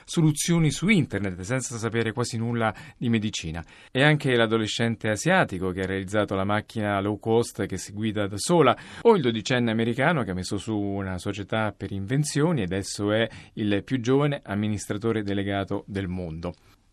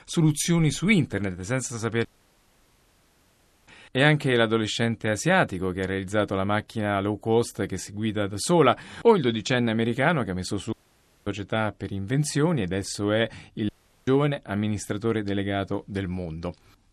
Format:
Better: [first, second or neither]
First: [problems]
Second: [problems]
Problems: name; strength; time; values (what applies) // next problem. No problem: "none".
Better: first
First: none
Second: audio cutting out; at 2 s for 1.5 s, at 11 s for 0.5 s and at 14 s